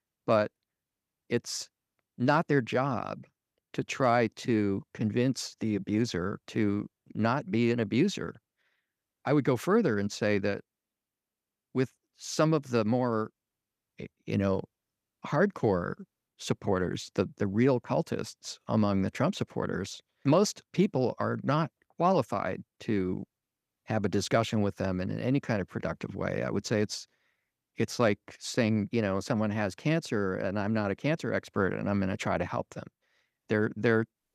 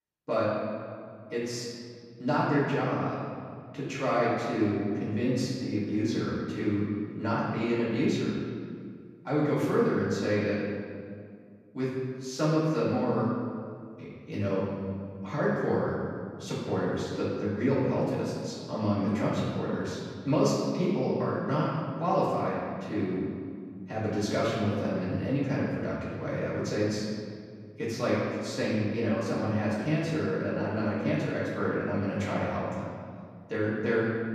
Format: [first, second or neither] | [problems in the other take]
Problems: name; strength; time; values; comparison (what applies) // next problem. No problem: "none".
first | off-mic speech; far // room echo; strong; dies away in 1.9 s